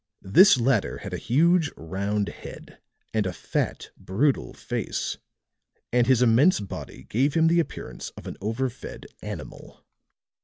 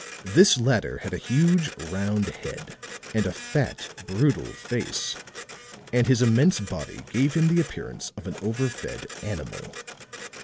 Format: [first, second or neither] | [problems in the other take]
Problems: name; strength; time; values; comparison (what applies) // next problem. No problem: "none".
first | background sound (Printer); 15 dB below the speech